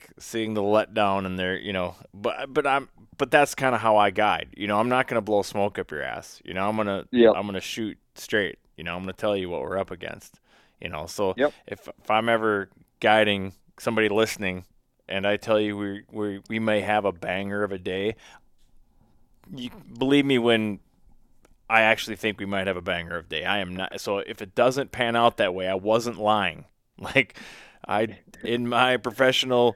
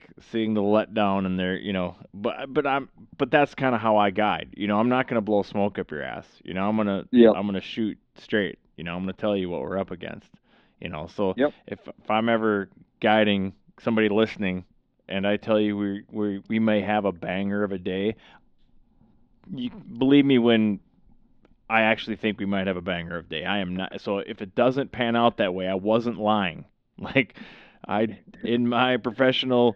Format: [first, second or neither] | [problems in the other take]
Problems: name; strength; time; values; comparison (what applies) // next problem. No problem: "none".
first | muffled; slightly; fading above 4 kHz